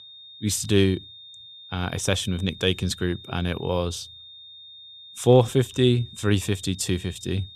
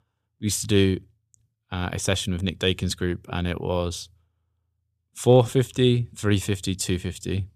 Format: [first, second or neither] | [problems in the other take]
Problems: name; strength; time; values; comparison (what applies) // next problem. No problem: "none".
second | high-pitched whine; noticeable; throughout; 3.5 kHz, 20 dB below the speech